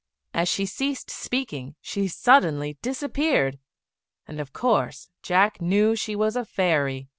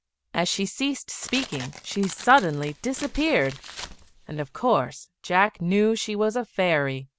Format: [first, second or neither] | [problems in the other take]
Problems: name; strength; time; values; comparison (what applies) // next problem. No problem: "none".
first | background sound (Tearing); 16 dB below the speech